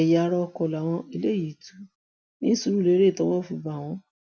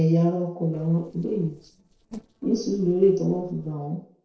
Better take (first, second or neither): first